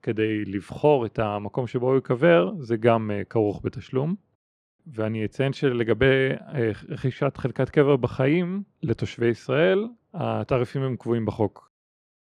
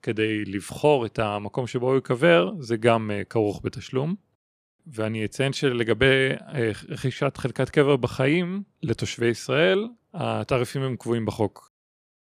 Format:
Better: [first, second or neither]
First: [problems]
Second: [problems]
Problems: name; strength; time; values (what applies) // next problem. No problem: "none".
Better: second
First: muffled; slightly; fading above 1.5 kHz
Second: none